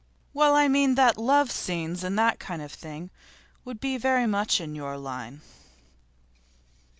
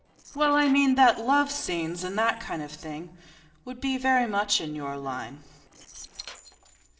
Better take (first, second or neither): first